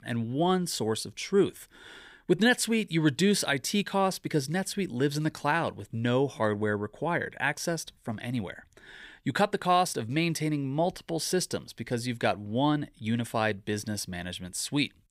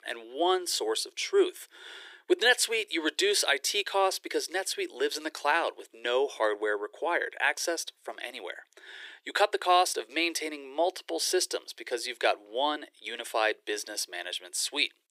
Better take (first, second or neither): first